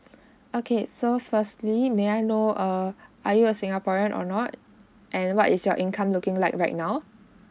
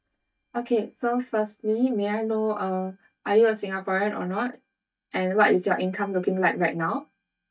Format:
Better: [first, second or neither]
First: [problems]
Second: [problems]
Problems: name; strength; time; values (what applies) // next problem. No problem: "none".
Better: first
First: none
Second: noise reduction (neural mask model DeepFilterNet 3)